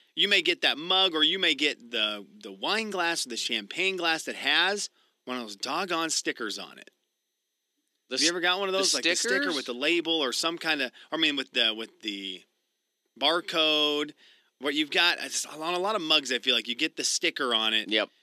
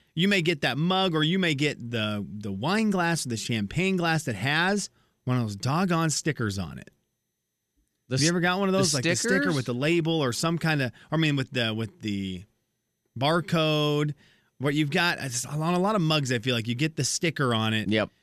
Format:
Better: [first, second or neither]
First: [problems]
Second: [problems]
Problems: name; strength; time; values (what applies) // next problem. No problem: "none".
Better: second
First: thin; somewhat; fading below 250 Hz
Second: none